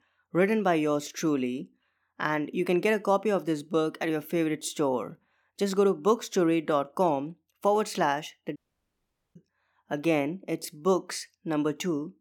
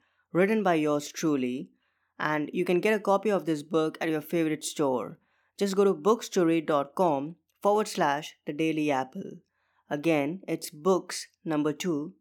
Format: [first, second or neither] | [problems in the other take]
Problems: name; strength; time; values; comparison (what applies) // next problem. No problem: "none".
second | audio cutting out; at 8.5 s for 1 s